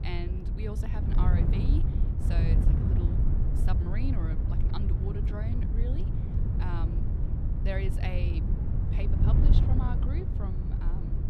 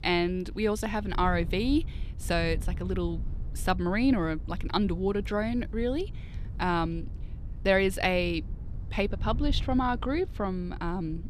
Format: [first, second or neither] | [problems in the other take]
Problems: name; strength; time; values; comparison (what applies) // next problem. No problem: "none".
second | wind noise on the microphone; heavy; as loud as the speech; occasional gusts in the second